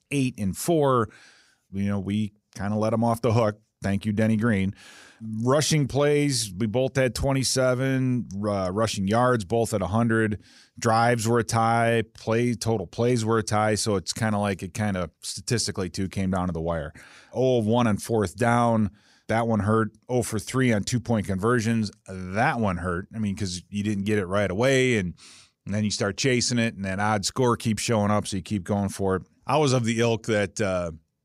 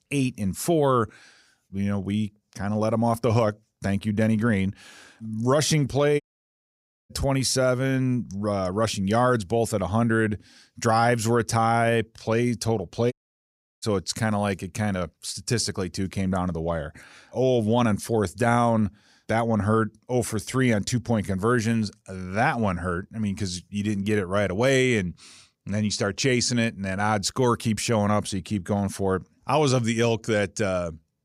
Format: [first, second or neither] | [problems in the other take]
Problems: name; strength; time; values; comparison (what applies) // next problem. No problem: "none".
first | audio cutting out; at 6 s for 1 s and at 13 s for 0.5 s